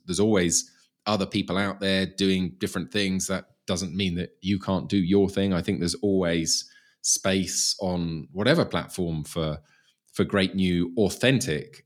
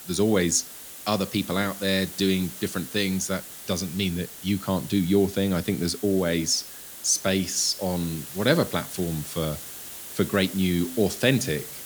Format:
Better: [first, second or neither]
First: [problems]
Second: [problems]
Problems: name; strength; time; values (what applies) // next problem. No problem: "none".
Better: first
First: none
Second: hiss; noticeable; throughout; 10 dB below the speech